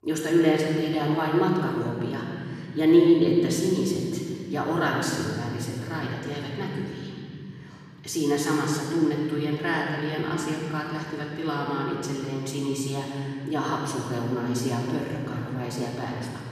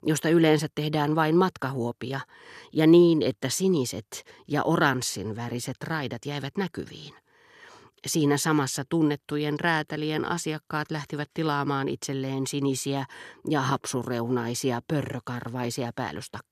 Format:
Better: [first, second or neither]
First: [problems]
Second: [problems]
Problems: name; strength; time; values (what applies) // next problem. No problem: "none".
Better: second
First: off-mic speech; far // room echo; noticeable; dies away in 2.6 s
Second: none